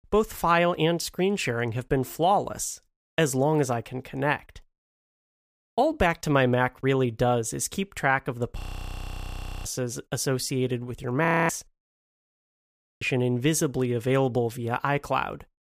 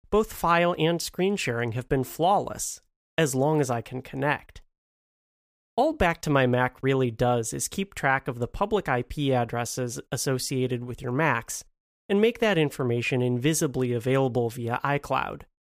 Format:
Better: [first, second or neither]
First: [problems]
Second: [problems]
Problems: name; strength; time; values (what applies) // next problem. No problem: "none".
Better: second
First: audio freezing; at 8.5 s for 1 s, at 11 s and at 12 s for 1 s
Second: none